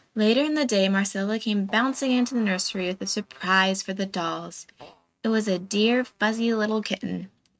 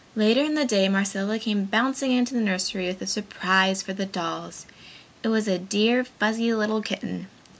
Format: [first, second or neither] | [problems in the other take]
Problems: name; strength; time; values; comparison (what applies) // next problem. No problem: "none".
second | noise reduction (neural mask model RNNoise)